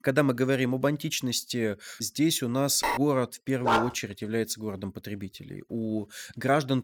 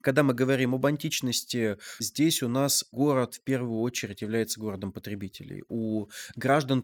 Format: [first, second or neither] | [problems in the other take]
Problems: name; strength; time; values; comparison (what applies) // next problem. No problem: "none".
second | phone ringing; noticeable; at 3 s; peak 2 dB below the speech // dog barking; loud; at 3.5 s; peak 2 dB above the speech